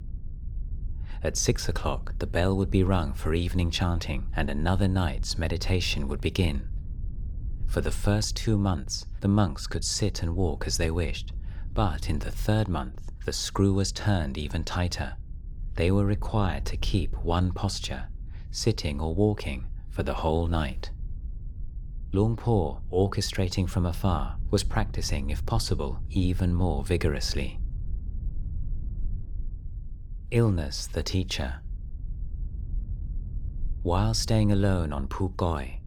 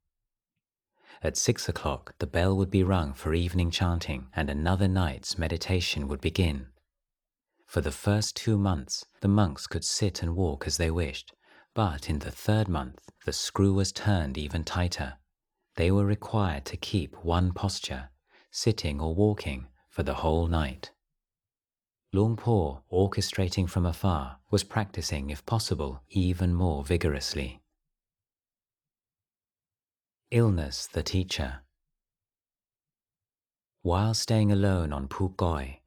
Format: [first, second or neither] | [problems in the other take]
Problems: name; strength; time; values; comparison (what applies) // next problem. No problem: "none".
second | low rumble; faint; throughout; 25 dB below the speech